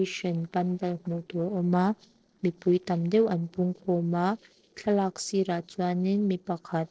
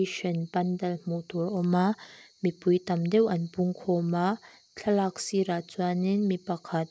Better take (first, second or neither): second